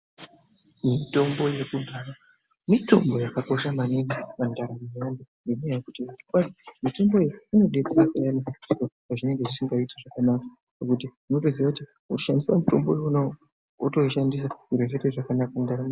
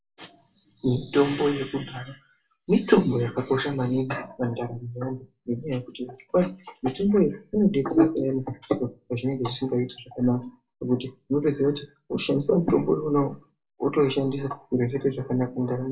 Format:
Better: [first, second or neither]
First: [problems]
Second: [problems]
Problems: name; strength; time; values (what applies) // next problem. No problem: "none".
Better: first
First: none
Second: room echo; dies away in 0.2 s